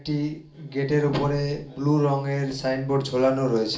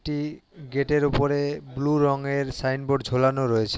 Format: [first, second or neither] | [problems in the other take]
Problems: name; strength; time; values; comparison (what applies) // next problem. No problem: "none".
second | room echo; dies away in 0.4 s